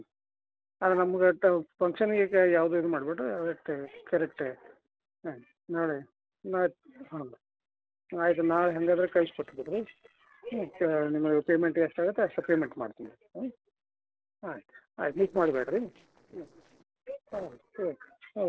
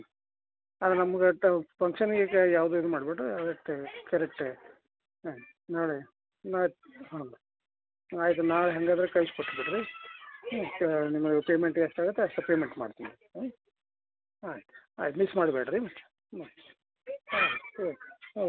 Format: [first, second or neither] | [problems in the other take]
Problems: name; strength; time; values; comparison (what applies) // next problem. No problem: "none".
second | noise reduction (neural separator model SepFormer DNS4)